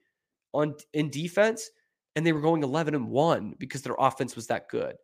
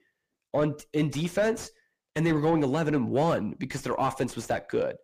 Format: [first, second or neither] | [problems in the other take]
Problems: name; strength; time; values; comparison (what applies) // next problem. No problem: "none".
first | distortion; heavy; 7 dB below the speech